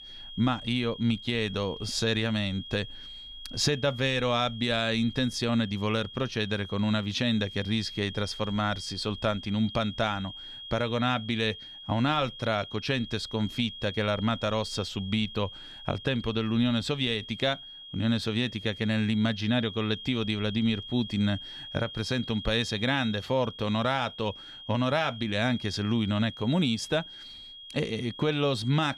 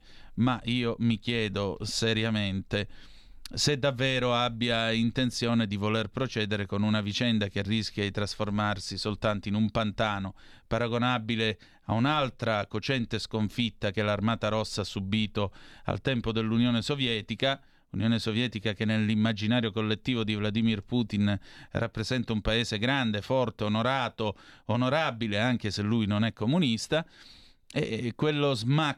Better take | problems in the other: second | high-pitched whine; noticeable; throughout; 3.5 kHz, 15 dB below the speech

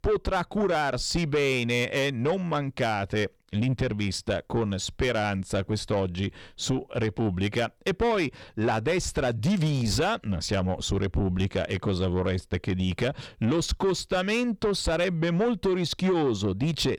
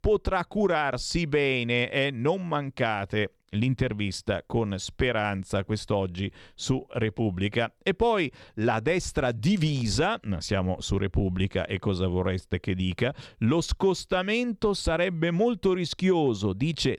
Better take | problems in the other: second | distortion; slight; 10 dB below the speech

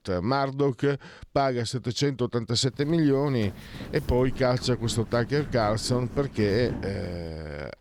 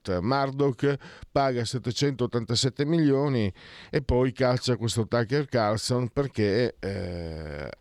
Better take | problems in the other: second | footsteps; noticeable; from 2.5 to 7.5 s; peak 8 dB below the speech

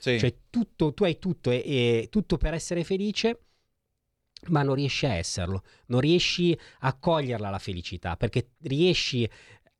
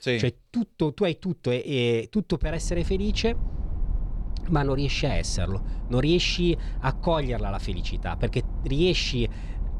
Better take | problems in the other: first | low rumble; faint; from 2.5 s on; 20 dB below the speech

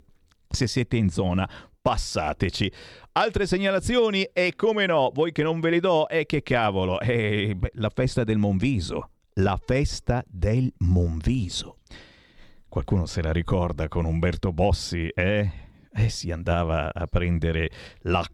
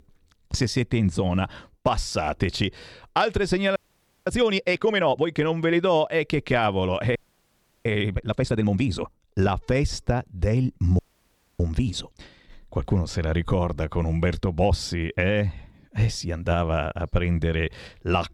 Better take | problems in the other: first | audio freezing; at 4 s for 0.5 s, at 7 s for 0.5 s and at 11 s for 0.5 s

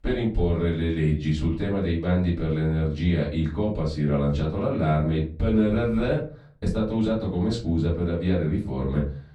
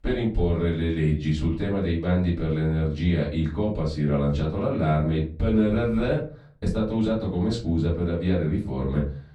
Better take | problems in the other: neither | off-mic speech; far; the same in both // room echo; slight; dies away in 0.4 s; the same in both

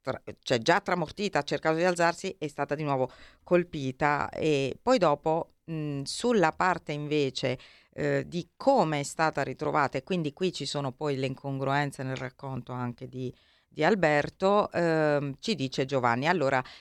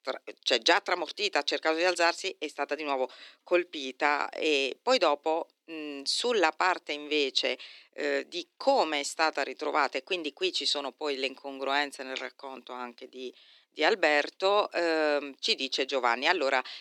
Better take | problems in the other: first | thin; somewhat; fading below 300 Hz

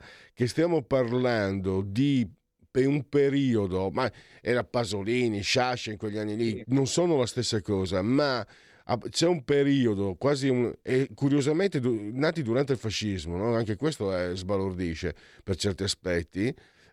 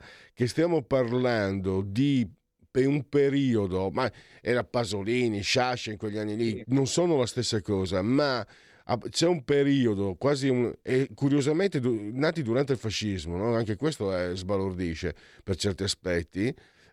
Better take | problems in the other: neither | none

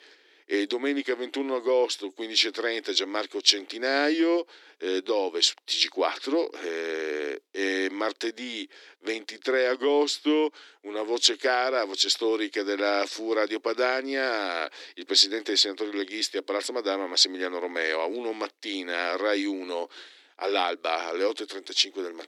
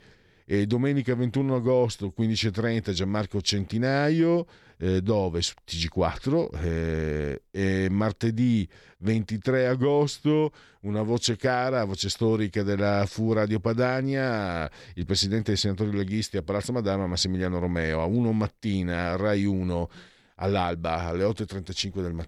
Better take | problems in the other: second | thin; somewhat; fading below 300 Hz

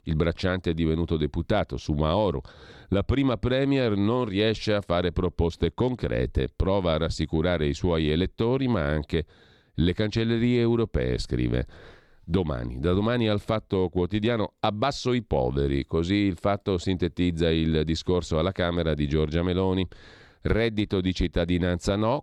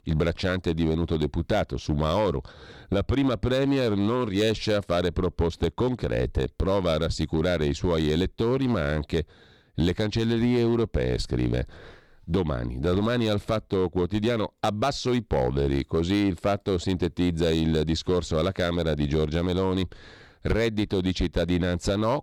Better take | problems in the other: first | distortion; slight; 7% of the sound clipped

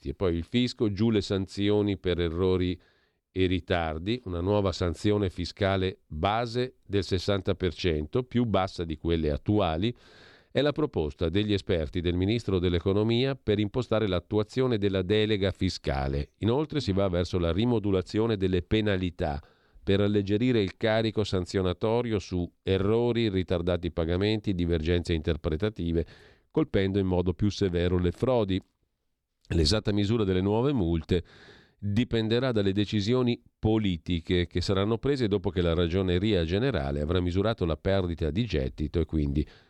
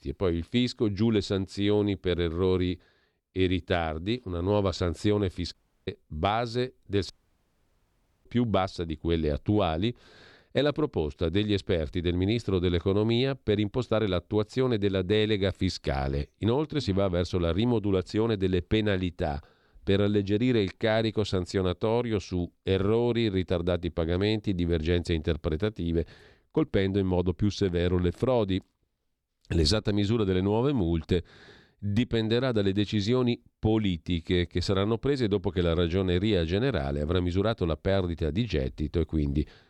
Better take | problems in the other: first | audio cutting out; at 5.5 s and at 7 s for 1 s

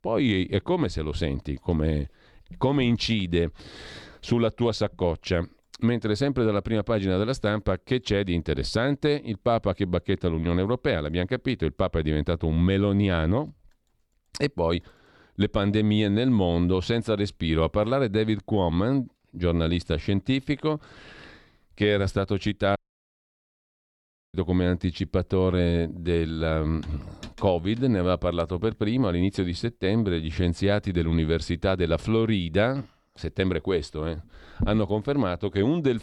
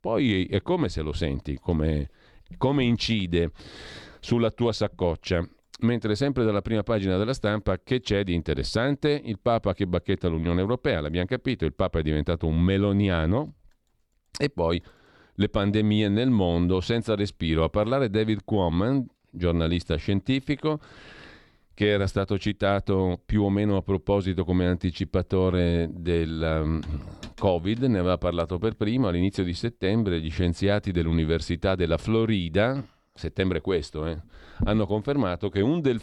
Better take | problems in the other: second | audio cutting out; at 23 s for 1.5 s

